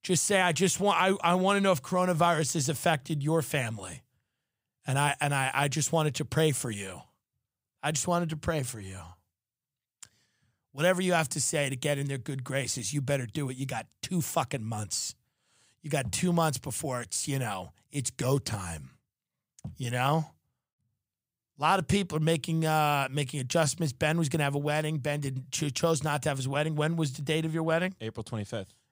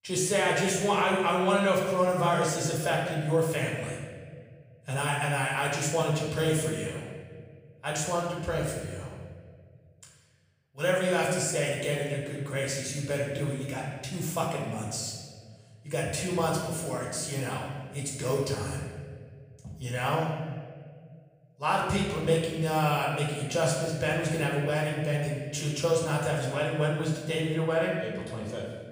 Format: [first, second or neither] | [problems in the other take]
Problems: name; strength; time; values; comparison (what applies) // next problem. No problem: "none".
first | off-mic speech; far // room echo; noticeable; dies away in 1.4 s